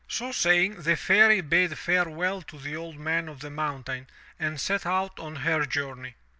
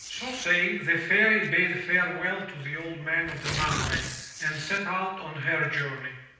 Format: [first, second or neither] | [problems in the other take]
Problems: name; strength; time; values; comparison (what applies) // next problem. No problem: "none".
first | background sound (Tearing); 11 dB below the speech // room echo; dies away in 0.9 s